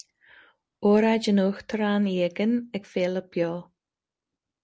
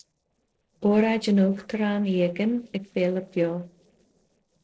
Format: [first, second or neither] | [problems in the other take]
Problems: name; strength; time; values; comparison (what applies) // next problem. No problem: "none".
first | noise reduction (neural separator model SepFormer DNS4)